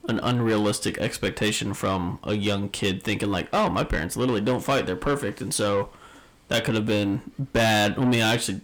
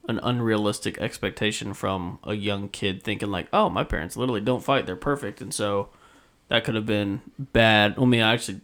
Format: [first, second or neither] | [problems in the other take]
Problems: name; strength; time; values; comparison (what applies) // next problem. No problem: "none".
second | distortion; heavy; 8 dB below the speech